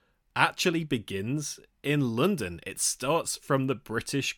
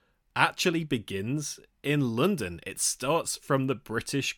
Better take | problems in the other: neither | none

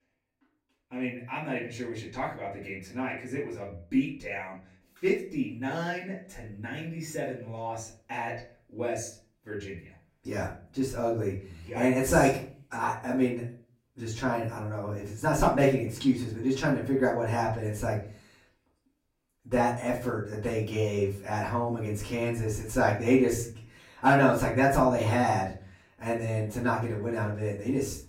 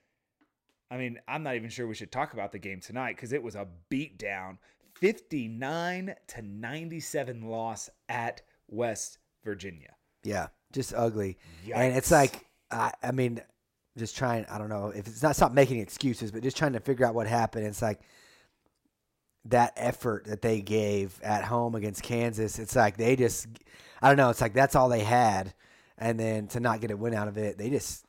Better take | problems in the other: second | off-mic speech; far // room echo; slight; dies away in 0.4 s

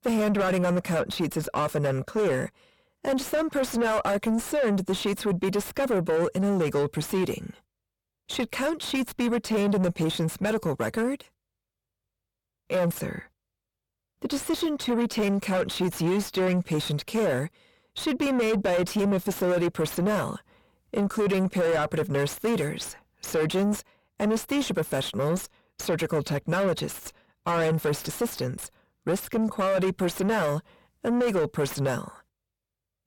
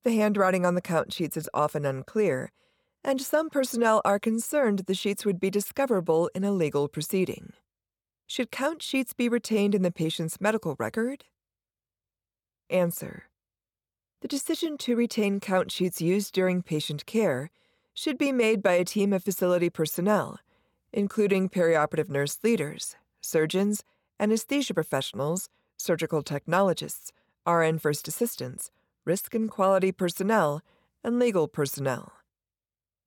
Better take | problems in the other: second | distortion; heavy; 7 dB below the speech

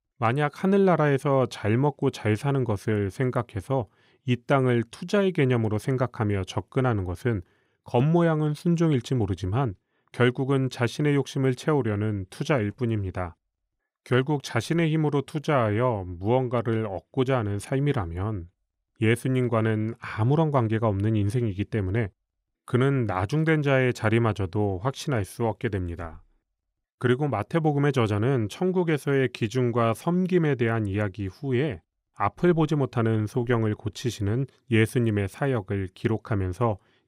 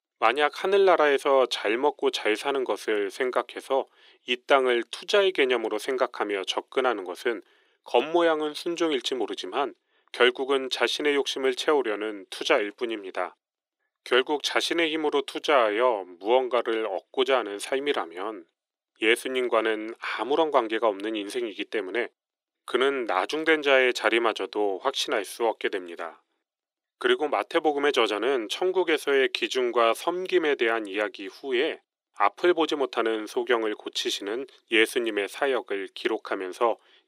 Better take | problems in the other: first | thin; very; fading below 350 Hz

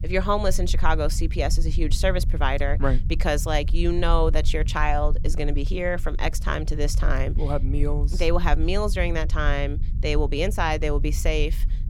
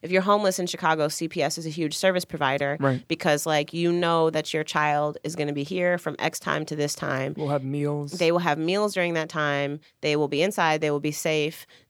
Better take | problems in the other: second | low rumble; noticeable; throughout; 20 dB below the speech

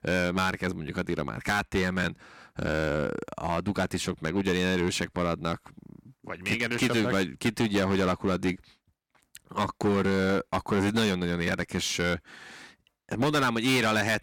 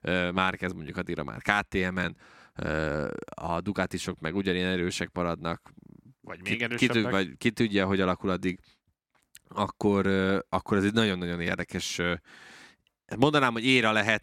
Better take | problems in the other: second | distortion; heavy; 10% of the sound clipped

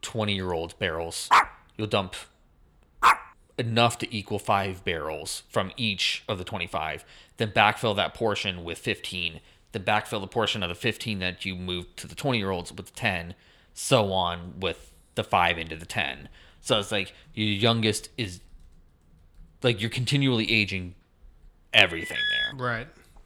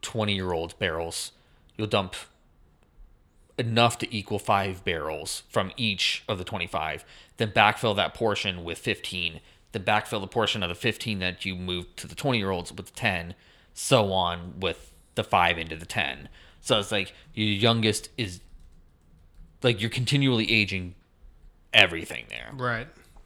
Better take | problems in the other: second | dog barking; loud; from 1.5 to 3 s; peak 6 dB above the speech // alarm; loud; at 22 s; peak 2 dB above the speech

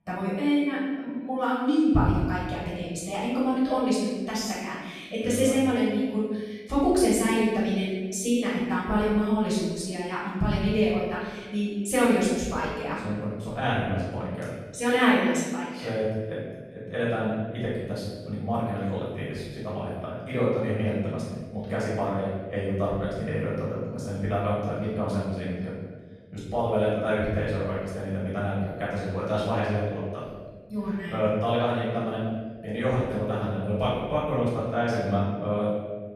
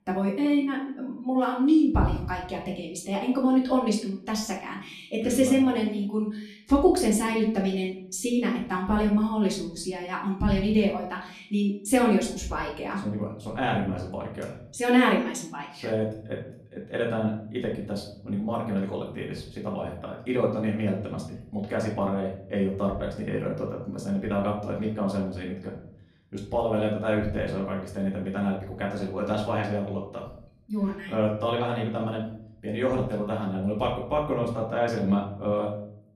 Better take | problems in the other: second | room echo; strong; dies away in 1.2 s; slight in the second // off-mic speech; far; far in the second

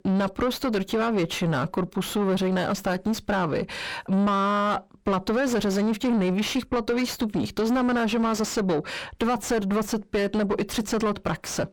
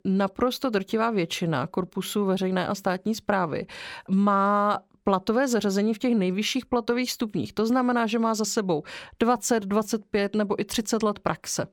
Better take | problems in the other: second | distortion; heavy; 6 dB below the speech

